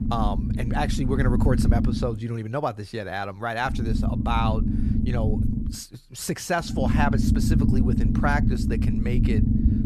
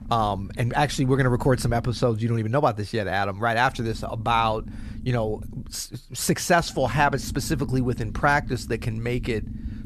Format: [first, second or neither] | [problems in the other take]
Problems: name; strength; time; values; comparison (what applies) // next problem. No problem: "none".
second | low rumble; loud; until 2 s, from 4 to 5.5 s and from 6.5 s on; 4 dB below the speech; faint in the second